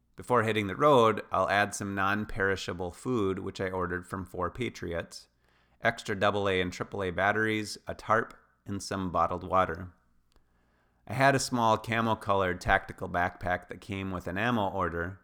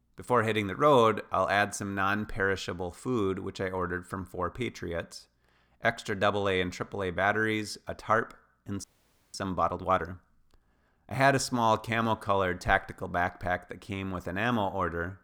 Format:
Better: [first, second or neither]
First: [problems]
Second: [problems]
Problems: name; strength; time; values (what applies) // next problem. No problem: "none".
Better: first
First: none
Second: audio freezing; at 9 s for 0.5 s